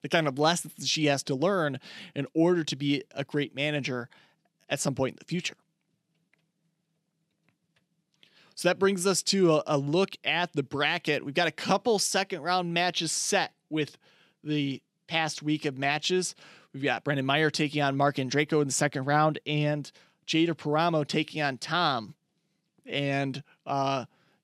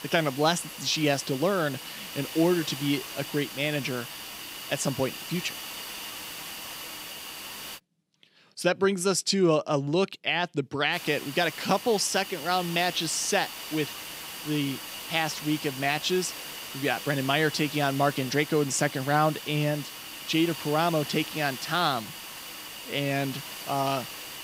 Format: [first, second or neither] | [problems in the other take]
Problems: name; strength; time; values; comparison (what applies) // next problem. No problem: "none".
first | hiss; loud; until 8 s and from 11 s on; 10 dB below the speech